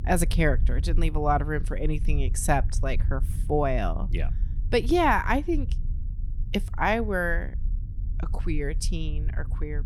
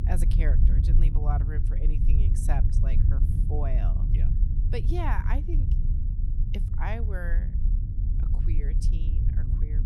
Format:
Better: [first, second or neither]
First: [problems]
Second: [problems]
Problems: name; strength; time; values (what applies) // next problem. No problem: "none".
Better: first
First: low rumble; faint; throughout; 20 dB below the speech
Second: low rumble; loud; throughout; 5 dB below the speech